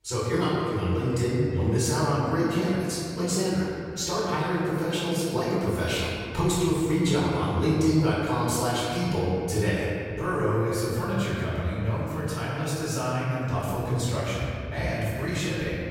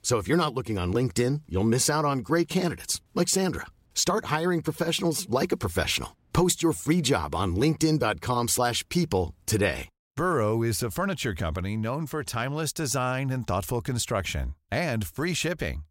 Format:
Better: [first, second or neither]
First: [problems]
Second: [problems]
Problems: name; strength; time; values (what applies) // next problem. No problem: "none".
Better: second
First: off-mic speech; far // room echo; strong; dies away in 2.4 s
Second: none